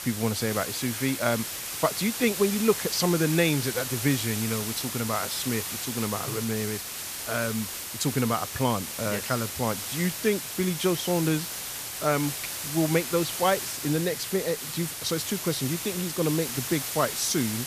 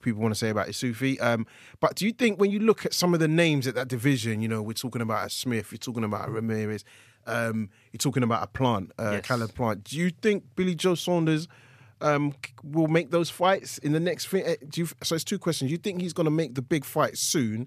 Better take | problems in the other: second | hiss; loud; throughout; 4 dB below the speech

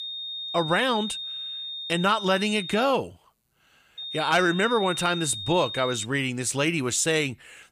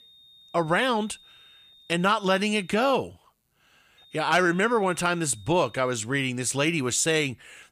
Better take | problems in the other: second | high-pitched whine; loud; until 3 s and from 4 to 6 s; 3.5 kHz, 8 dB below the speech; faint in the second

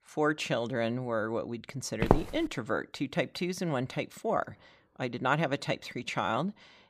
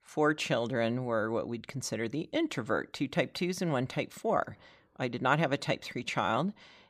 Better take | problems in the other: second | footsteps; loud; at 2 s; peak 4 dB above the speech

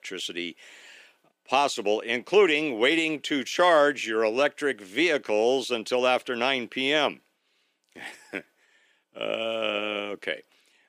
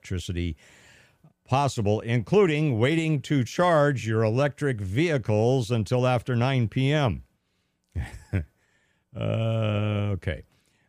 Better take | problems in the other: second | thin; somewhat; fading below 300 Hz

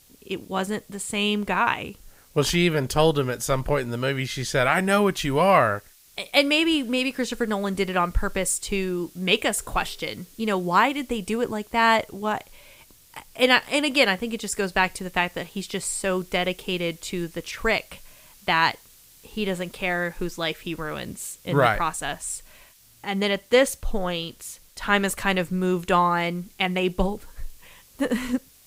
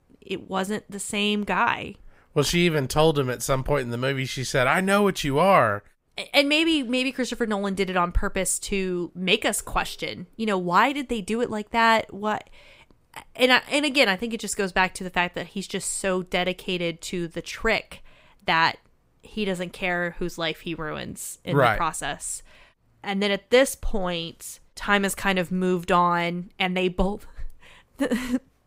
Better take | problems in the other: second | hiss; faint; throughout; 25 dB below the speech

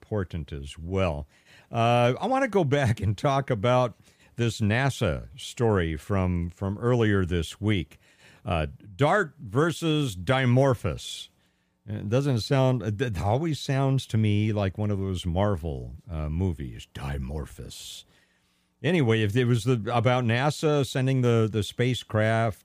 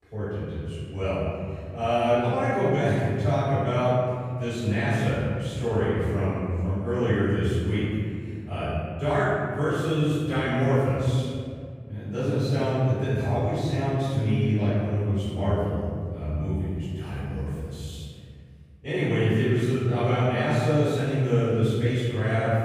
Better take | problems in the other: first | off-mic speech; far // room echo; strong; dies away in 2.3 s

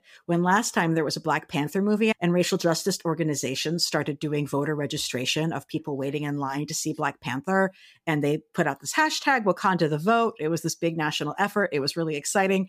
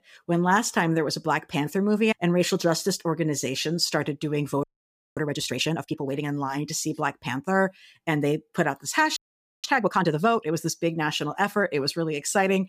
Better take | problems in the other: first | audio freezing; at 4.5 s for 0.5 s and at 9 s

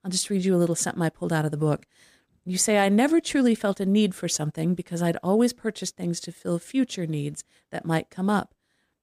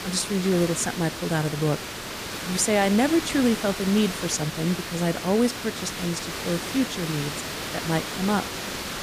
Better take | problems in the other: first | hiss; loud; throughout; 6 dB below the speech

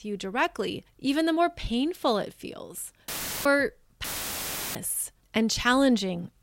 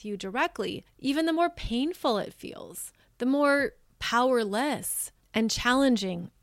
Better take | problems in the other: second | audio cutting out; filled with static; at 3 s and at 4 s for 0.5 s

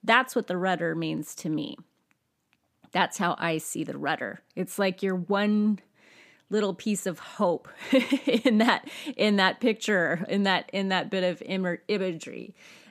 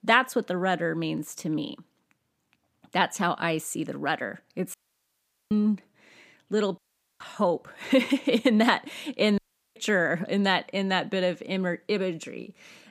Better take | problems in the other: first | audio cutting out; at 4.5 s for 1 s, at 7 s and at 9.5 s

